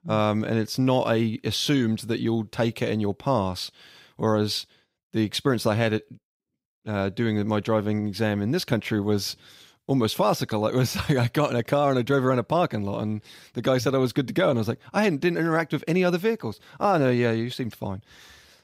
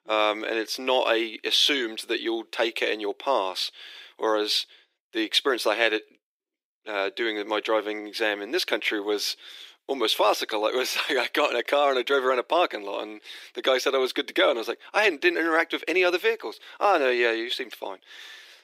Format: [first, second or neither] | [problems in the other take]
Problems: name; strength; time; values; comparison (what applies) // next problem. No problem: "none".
first | thin; very; fading below 350 Hz